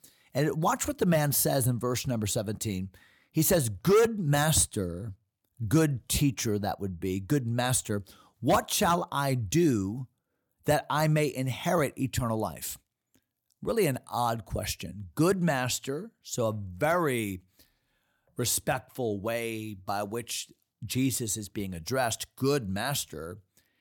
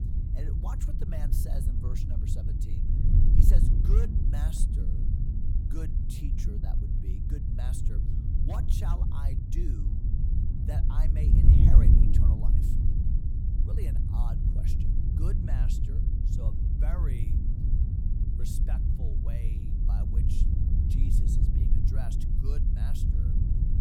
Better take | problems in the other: first | wind noise on the microphone; heavy; 3 dB above the speech

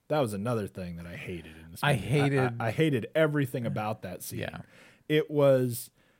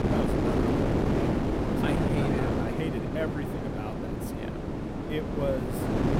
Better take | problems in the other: first | wind noise on the microphone; heavy; 4 dB above the speech

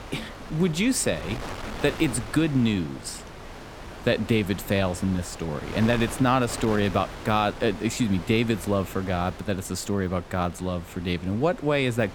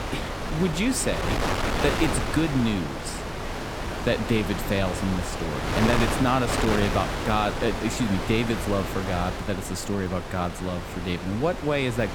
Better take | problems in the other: first | wind noise on the microphone; heavy; 2 dB below the speech; occasional gusts in the first

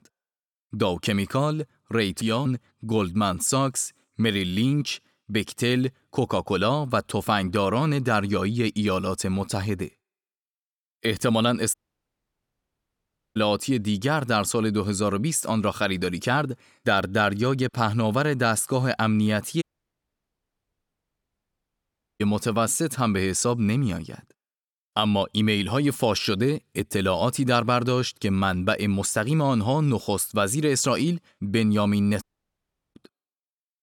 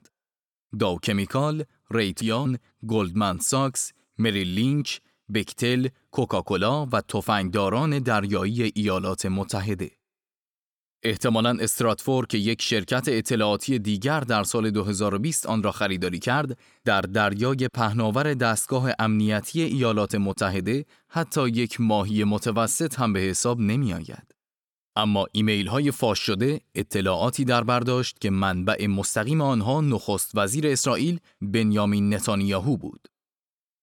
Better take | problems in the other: second | audio cutting out; at 12 s for 1.5 s, at 20 s for 2.5 s and at 32 s for 0.5 s

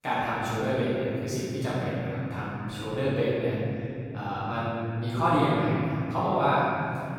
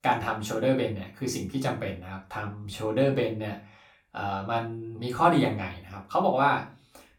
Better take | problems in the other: second | room echo; strong; dies away in 3 s; slight in the second // off-mic speech; far; far in the second

